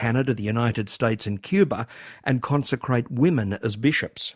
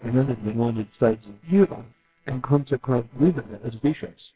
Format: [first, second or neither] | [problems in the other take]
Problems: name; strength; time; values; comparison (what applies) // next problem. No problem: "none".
first | noise reduction (neural separator model SepFormer WHAMR!)